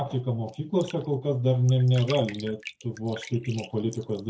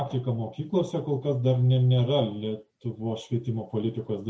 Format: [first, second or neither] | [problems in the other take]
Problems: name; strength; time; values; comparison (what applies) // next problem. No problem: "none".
second | noise reduction (neural mask model RNNoise)